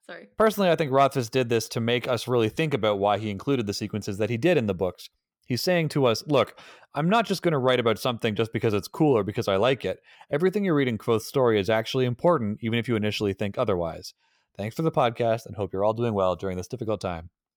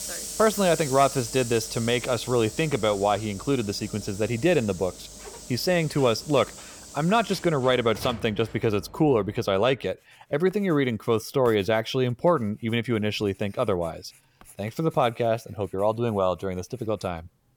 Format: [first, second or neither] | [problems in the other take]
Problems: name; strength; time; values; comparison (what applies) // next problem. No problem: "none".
first | household noises; noticeable; throughout; 15 dB below the speech